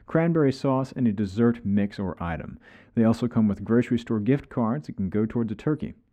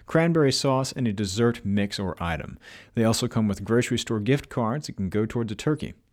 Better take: second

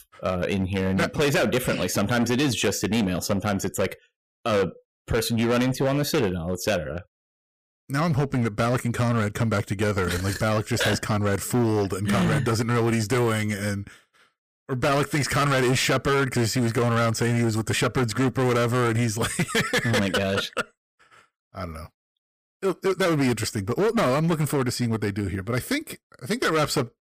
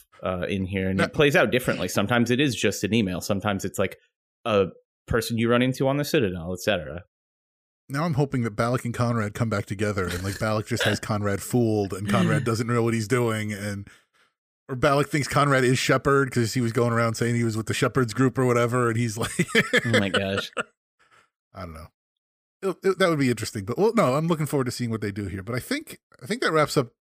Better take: second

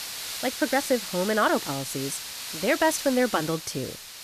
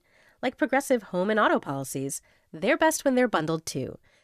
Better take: second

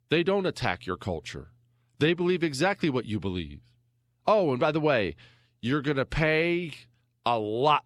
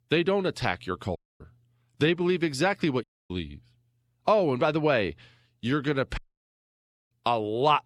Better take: first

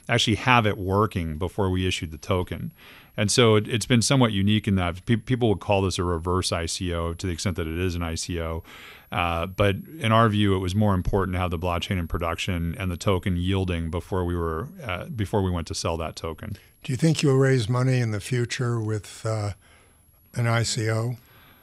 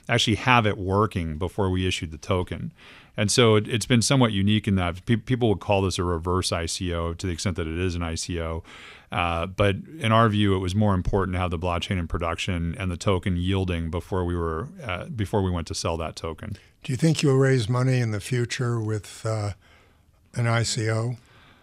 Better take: second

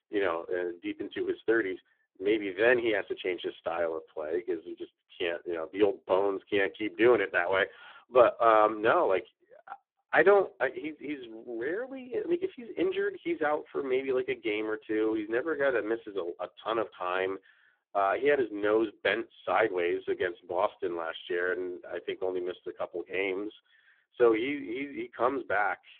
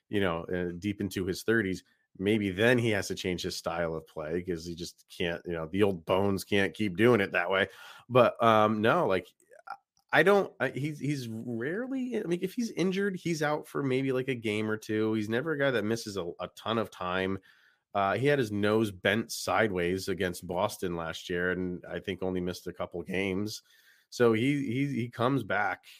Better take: second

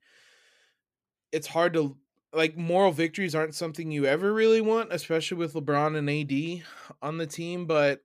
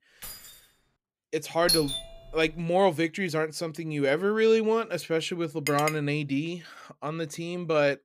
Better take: first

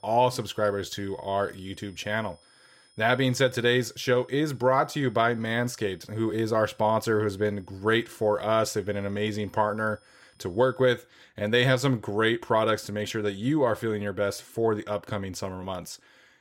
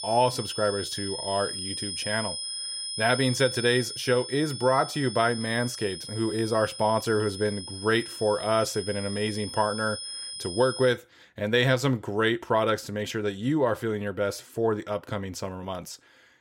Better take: first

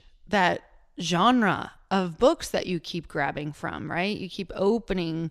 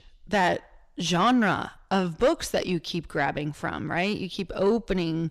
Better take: first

